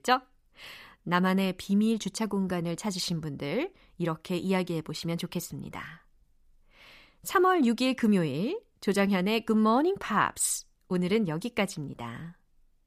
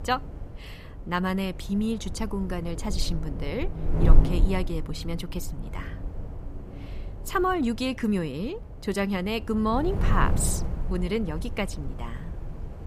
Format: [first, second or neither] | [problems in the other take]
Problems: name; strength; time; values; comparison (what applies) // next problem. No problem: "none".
first | wind noise on the microphone; occasional gusts; 10 dB below the speech